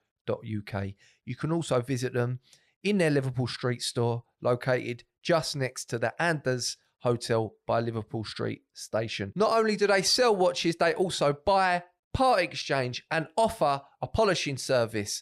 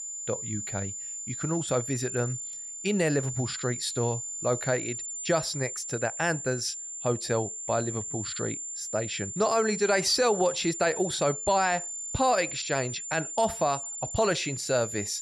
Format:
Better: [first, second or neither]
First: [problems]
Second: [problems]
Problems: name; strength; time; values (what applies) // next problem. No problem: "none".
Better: first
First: none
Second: high-pitched whine; loud; throughout; 7 kHz, 5 dB below the speech